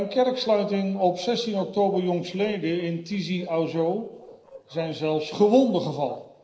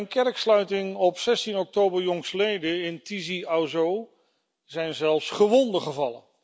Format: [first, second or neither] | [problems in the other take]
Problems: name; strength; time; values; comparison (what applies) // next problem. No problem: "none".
second | noise reduction (neural separator model SepFormer DNS4)